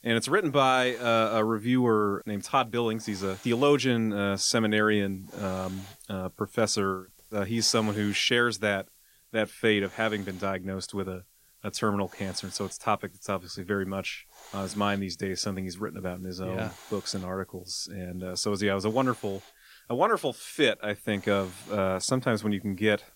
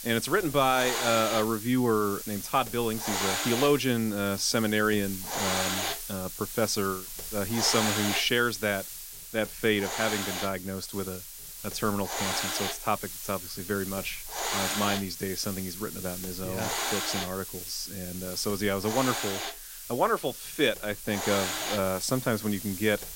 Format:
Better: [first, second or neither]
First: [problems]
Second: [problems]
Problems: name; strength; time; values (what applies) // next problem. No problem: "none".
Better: first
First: hiss; faint; throughout; 25 dB below the speech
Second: hiss; loud; throughout; 4 dB below the speech